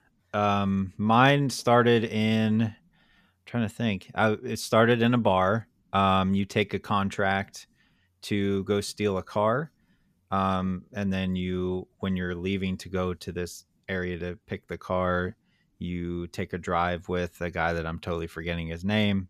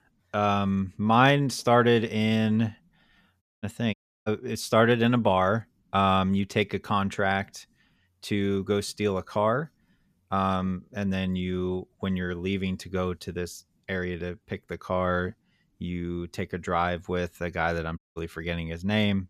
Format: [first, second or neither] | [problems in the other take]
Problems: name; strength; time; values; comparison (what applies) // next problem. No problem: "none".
first | audio cutting out; at 3.5 s, at 4 s and at 18 s